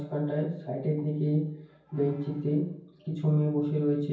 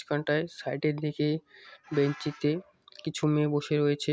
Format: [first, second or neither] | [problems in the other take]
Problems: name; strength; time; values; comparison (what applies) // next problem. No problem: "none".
second | room echo; dies away in 0.9 s